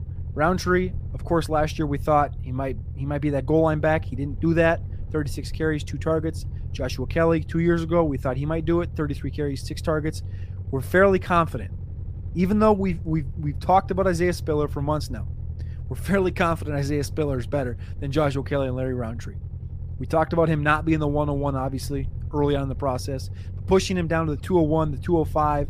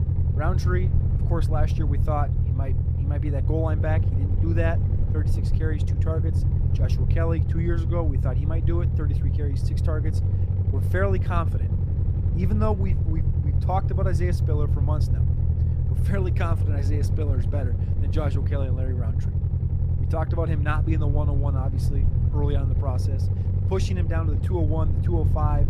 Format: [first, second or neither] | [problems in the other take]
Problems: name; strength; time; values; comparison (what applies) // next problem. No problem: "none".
first | low rumble; loud; throughout; 5 dB below the speech; faint in the first